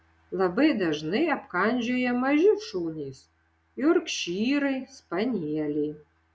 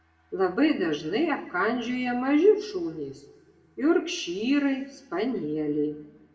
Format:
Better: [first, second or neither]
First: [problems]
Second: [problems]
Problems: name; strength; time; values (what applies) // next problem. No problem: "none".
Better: first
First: none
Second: room echo; dies away in 1.3 s